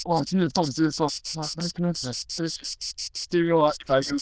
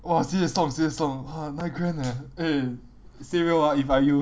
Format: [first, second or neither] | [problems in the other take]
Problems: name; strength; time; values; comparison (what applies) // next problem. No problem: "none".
second | noise reduction (neural diffusion model UNIVERSE++)